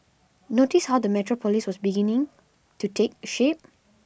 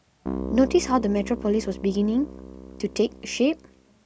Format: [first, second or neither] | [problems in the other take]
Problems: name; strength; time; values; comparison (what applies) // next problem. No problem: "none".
first | background sound (Keyboard (musical)); 11 dB below the speech